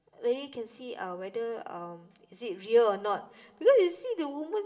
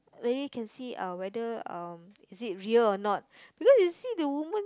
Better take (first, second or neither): second